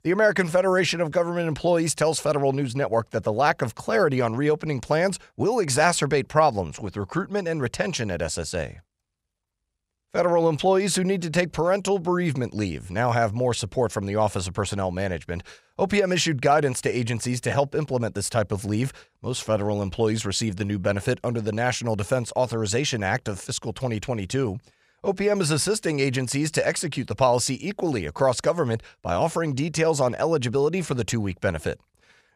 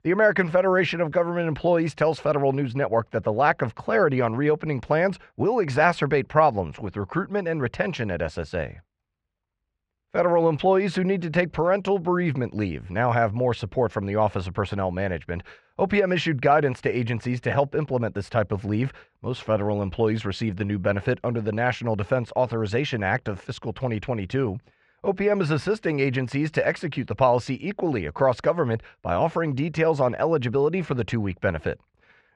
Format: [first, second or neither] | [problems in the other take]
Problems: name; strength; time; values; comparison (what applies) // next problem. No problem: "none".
first | muffled; slightly; fading above 2.5 kHz